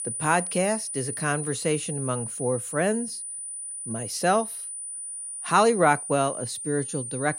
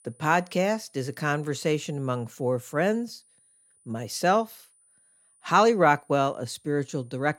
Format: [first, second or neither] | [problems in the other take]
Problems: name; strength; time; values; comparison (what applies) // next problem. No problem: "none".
second | high-pitched whine; loud; throughout; 9.5 kHz, 6 dB below the speech; faint in the second